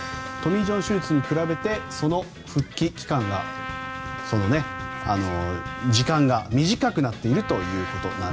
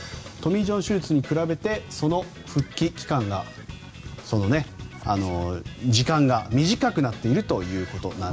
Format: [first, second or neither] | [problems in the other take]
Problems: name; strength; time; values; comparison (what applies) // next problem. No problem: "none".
second | background sound (Trumpet); 10 dB below the speech